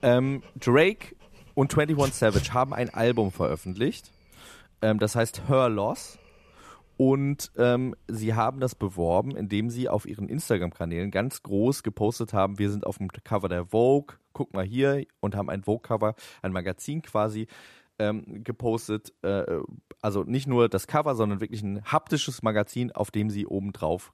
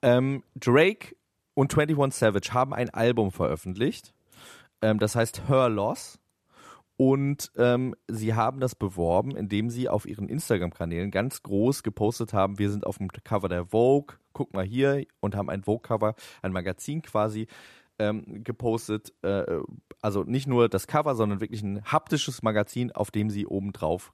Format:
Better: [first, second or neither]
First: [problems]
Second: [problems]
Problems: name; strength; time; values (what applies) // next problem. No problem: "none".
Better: second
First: dog barking; noticeable; at 2 s; peak 4 dB below the speech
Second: none